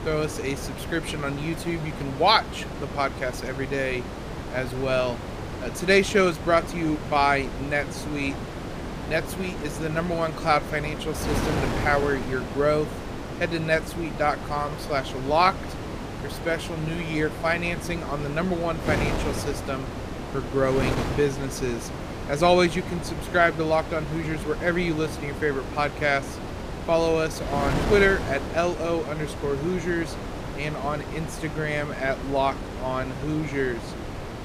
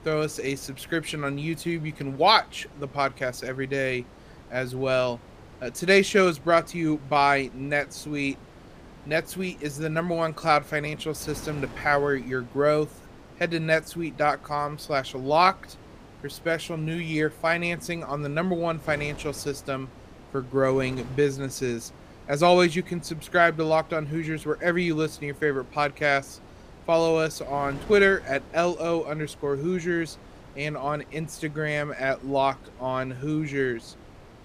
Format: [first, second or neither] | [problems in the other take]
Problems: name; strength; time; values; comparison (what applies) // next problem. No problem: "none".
second | wind noise on the microphone; heavy; 9 dB below the speech; occasional gusts in the second